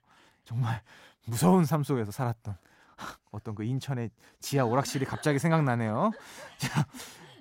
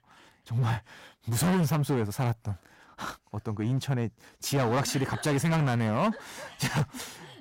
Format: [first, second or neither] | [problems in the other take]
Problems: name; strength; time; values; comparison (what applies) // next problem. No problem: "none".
first | distortion; heavy; 11% of the sound clipped